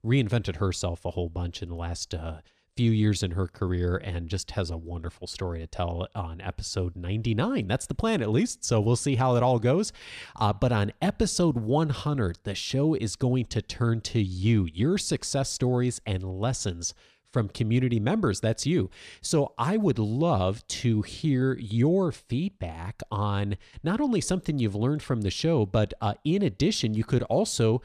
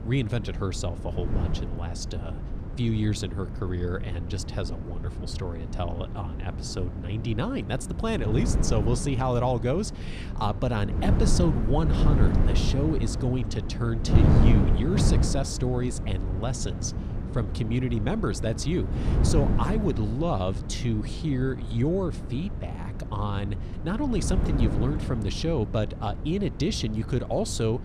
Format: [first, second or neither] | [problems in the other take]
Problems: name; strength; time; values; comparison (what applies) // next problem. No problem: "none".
first | wind noise on the microphone; heavy; 6 dB below the speech